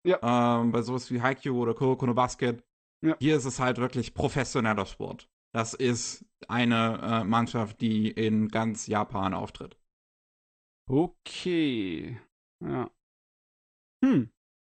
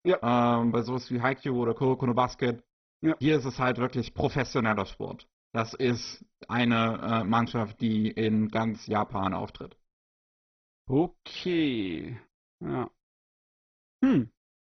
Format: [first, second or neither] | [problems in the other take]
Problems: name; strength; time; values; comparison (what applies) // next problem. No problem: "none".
first | garbled, watery; badly; nothing above 6 kHz; slightly in the first